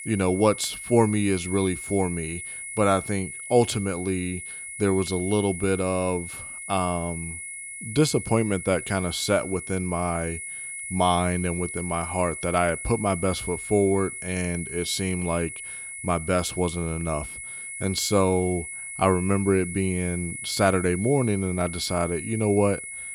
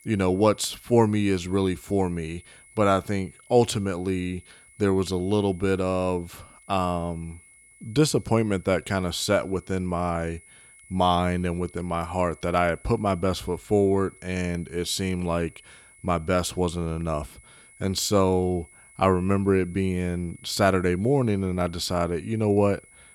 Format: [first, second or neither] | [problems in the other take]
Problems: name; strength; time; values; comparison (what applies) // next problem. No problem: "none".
second | high-pitched whine; loud; throughout; 2 kHz, 8 dB below the speech; faint in the second